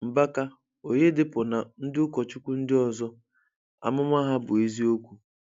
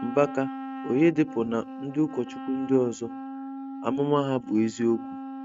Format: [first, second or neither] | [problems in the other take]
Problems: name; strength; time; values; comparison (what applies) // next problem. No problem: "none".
first | noise reduction (neural mask model RNNoise)